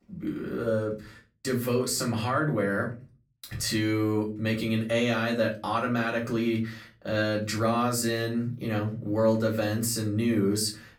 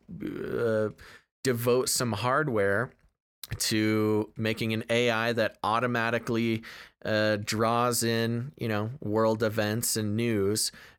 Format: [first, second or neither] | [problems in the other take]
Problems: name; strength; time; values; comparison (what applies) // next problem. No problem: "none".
second | off-mic speech; far // room echo; very slight; dies away in 0.3 s